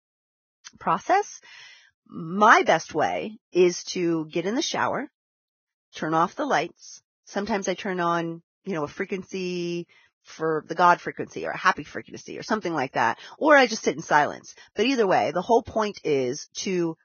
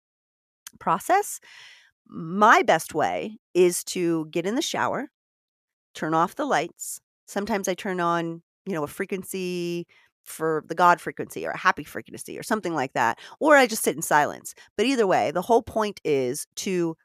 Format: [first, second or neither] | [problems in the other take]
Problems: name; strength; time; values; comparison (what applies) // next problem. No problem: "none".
second | garbled, watery; badly; nothing above 6.5 kHz